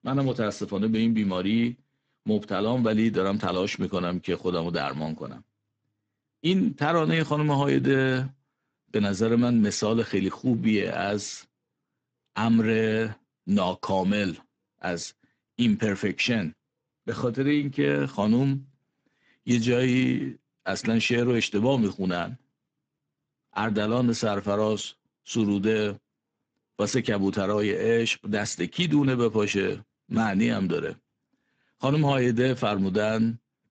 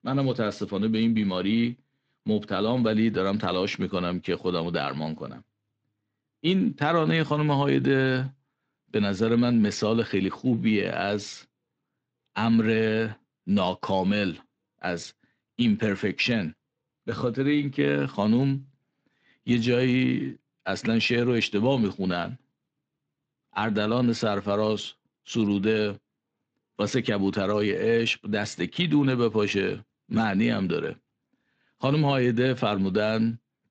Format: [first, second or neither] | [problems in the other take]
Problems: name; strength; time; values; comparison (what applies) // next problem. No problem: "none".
second | garbled, watery; badly; nothing above 7.5 kHz; slightly in the second